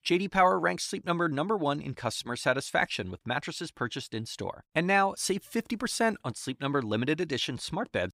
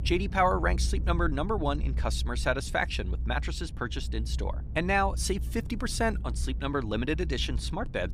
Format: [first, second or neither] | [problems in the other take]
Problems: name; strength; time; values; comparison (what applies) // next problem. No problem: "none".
first | low rumble; faint; throughout; 20 dB below the speech